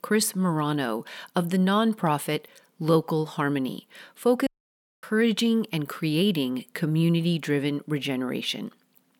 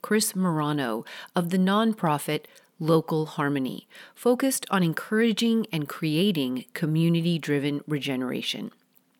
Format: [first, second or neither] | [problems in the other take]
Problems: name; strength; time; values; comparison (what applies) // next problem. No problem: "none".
second | audio cutting out; at 4.5 s for 0.5 s